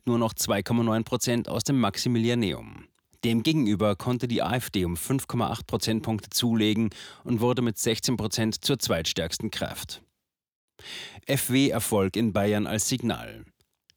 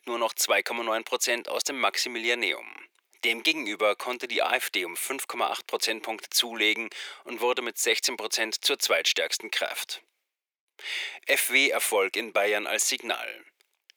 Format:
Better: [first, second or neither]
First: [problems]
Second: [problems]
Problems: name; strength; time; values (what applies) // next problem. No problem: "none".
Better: first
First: none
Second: thin; very; fading below 400 Hz